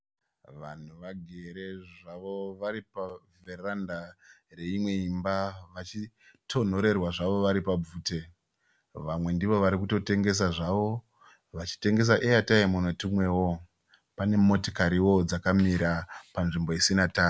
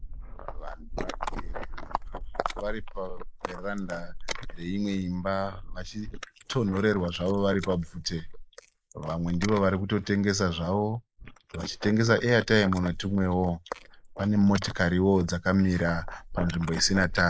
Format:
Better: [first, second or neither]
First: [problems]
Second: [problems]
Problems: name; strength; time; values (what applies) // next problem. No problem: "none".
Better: first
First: none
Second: noise reduction (neural mask model Resemble Enhance denoiser)